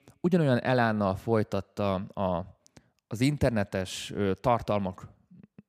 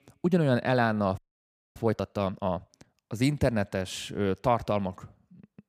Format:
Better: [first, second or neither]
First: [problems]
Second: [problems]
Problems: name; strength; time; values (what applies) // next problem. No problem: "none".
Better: first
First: none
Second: audio freezing; at 1 s for 0.5 s